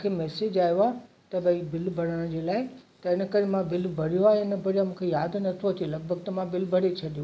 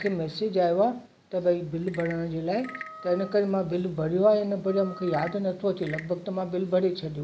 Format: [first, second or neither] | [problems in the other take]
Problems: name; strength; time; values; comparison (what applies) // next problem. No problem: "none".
first | background sound (Wood / Percussion / Frog + Wind instrument, woodwind instrument); 19 dB below the speech